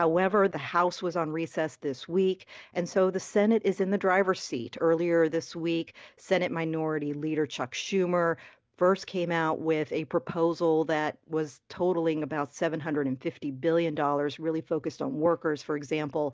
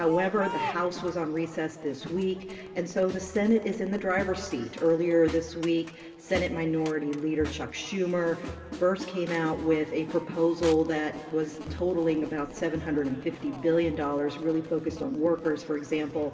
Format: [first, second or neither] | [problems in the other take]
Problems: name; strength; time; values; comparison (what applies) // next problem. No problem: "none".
first | background sound (Crowd); 14 dB below the speech // room echo; dies away in 2.2 s